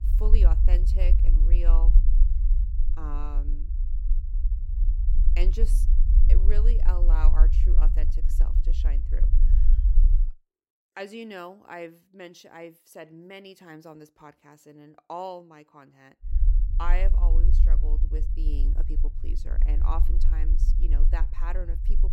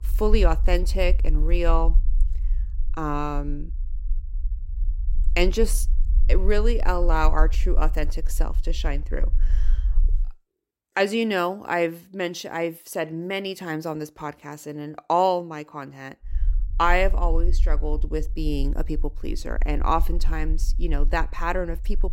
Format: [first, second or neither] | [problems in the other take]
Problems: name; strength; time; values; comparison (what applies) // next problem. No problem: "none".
second | low rumble; loud; until 10 s and from 16 s on; 8 dB below the speech; faint in the second